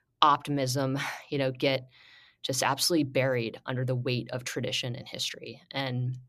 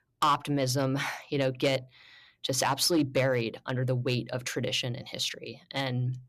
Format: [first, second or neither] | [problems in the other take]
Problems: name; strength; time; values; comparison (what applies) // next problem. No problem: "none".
first | distortion; slight; 1.7% of the sound clipped